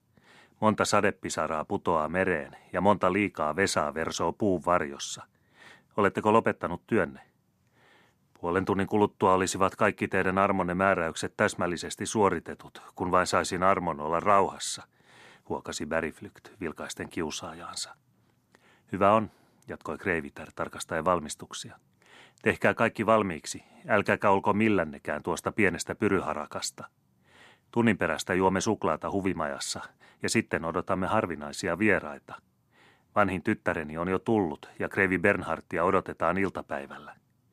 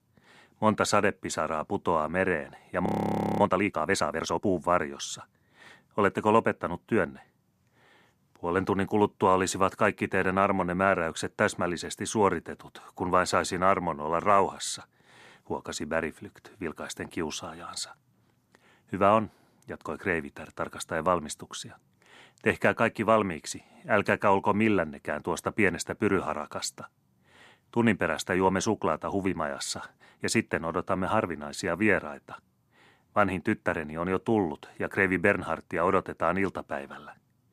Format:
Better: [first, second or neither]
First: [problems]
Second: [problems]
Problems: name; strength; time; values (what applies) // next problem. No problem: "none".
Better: first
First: none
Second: audio freezing; at 3 s for 0.5 s